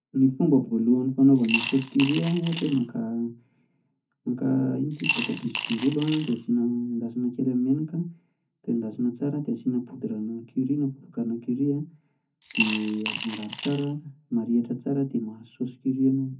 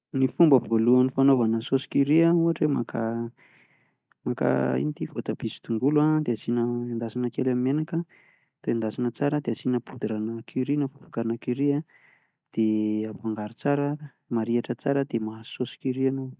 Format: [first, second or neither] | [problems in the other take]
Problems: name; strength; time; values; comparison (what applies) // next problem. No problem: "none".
second | background sound (Coin (dropping) / Glass); 7 dB below the speech // room echo; dies away in 0.3 s